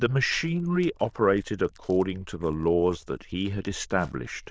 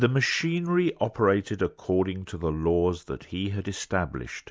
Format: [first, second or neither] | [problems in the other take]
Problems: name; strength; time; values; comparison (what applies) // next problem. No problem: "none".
second | noise reduction (neural diffusion model UNIVERSE++)